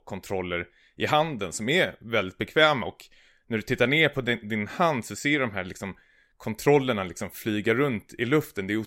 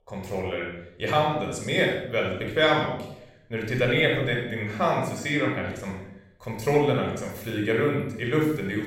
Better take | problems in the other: first | room echo; noticeable; dies away in 0.6 s // off-mic speech; somewhat distant

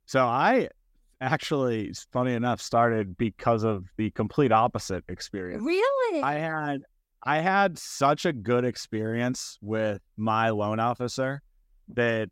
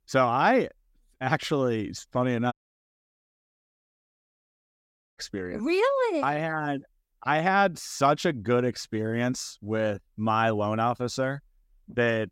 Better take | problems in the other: first | audio cutting out; at 2.5 s for 2.5 s

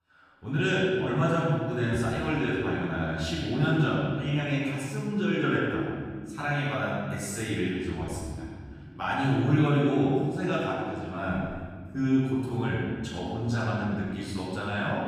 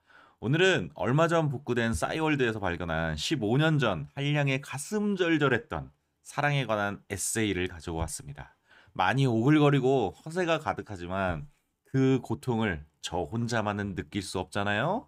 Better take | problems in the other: second | room echo; strong; dies away in 1.9 s // off-mic speech; far

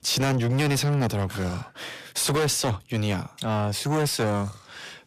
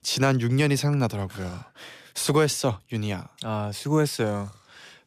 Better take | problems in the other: second | distortion; heavy; 7 dB below the speech

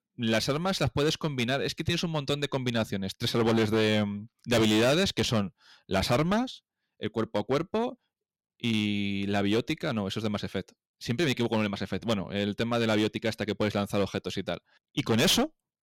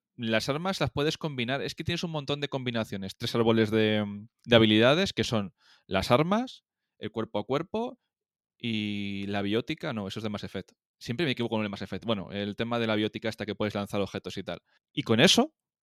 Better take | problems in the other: second | distortion; heavy; 8% of the sound clipped

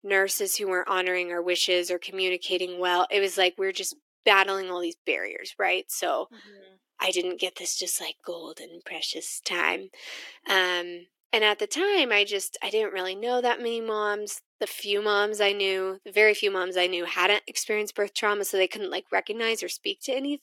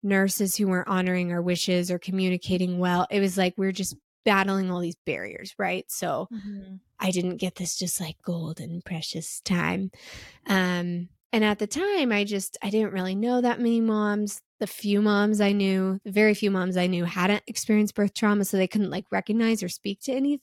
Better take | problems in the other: second | thin; very; fading below 300 Hz

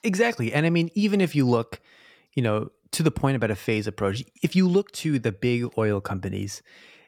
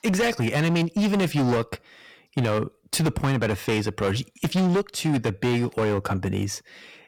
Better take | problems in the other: first | distortion; heavy; 19% of the sound clipped

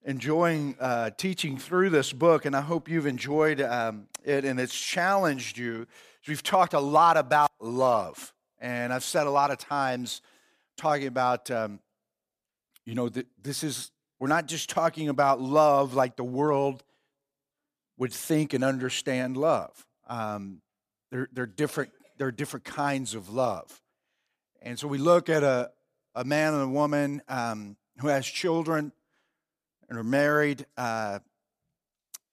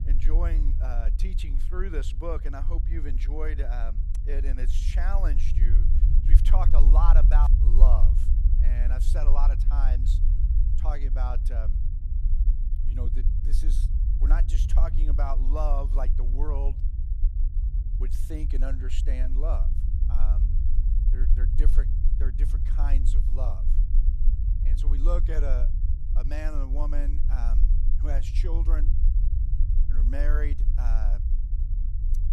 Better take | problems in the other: first | low rumble; loud; throughout; 8 dB below the speech

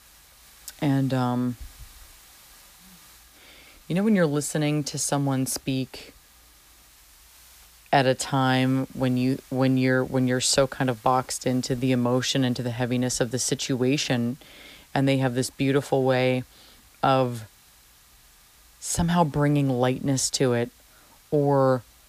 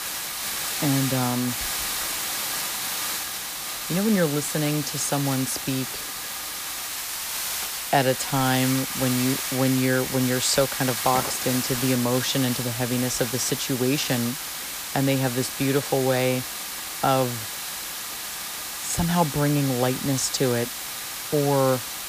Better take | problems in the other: first | hiss; loud; throughout; 4 dB below the speech; faint in the first

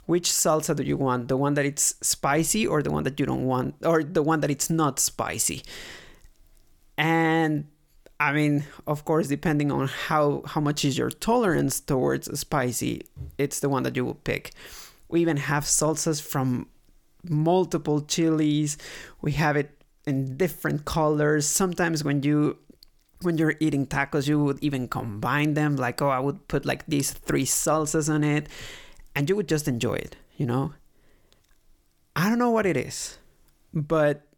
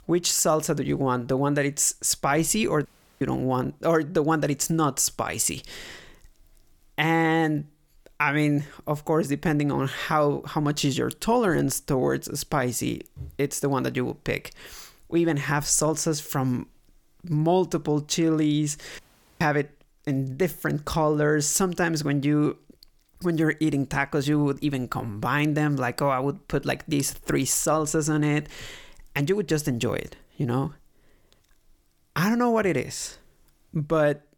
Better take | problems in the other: first | audio cutting out; at 3 s and at 19 s

